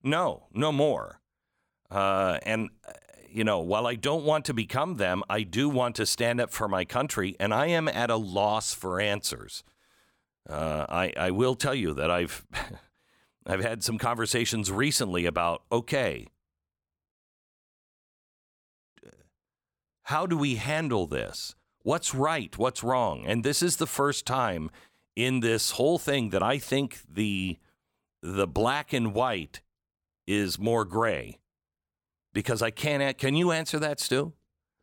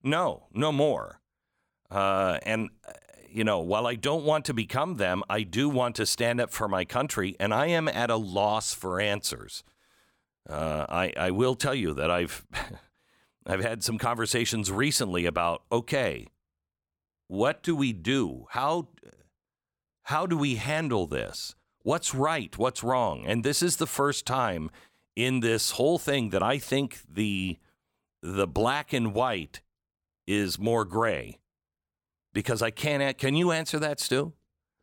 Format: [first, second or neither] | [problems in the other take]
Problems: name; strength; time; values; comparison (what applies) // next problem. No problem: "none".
second | audio cutting out; at 17 s for 2 s